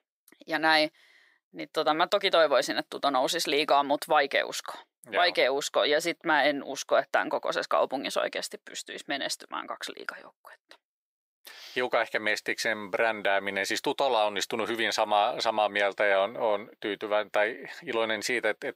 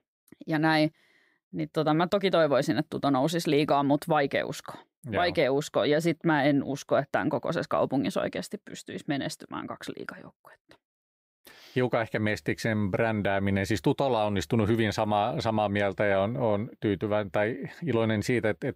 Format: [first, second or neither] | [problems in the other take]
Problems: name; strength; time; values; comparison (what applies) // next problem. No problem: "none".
second | thin; somewhat; fading below 550 Hz